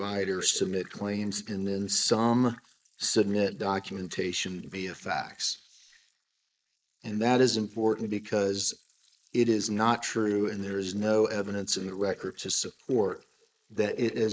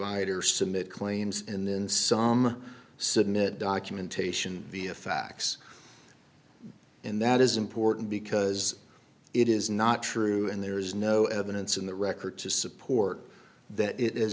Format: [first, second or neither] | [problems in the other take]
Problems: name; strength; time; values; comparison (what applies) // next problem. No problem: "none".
second | noise reduction (neural mask model Resemble Enhance denoiser)